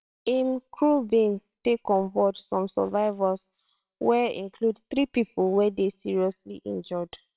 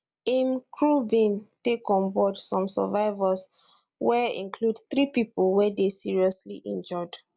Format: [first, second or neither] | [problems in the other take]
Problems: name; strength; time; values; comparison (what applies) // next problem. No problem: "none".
second | noise reduction (neural separator model SepFormer WHAMR!)